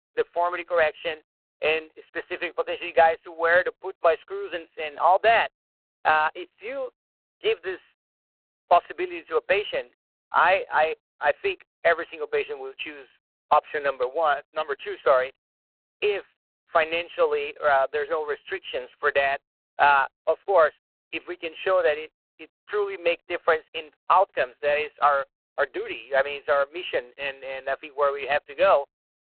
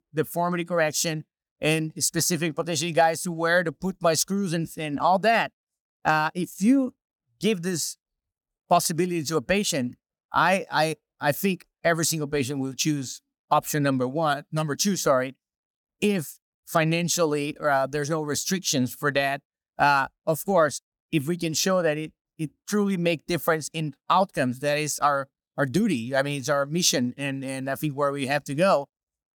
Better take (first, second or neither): second